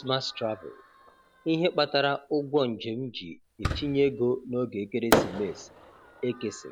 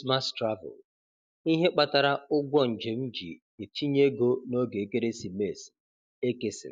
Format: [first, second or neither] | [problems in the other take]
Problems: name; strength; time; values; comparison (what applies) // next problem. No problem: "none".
second | background sound (Fireworks); 6 dB below the speech